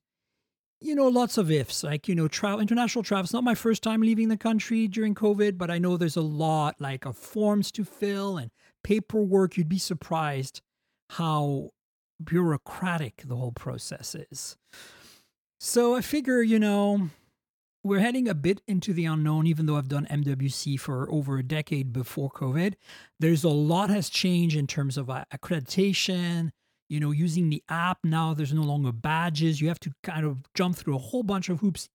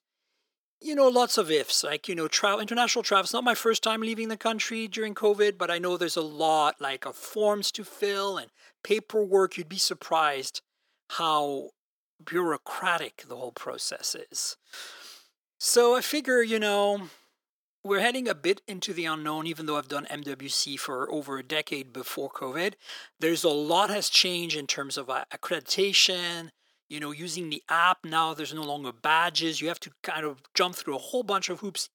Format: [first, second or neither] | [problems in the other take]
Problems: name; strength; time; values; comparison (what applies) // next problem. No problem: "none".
first | thin; very; fading below 400 Hz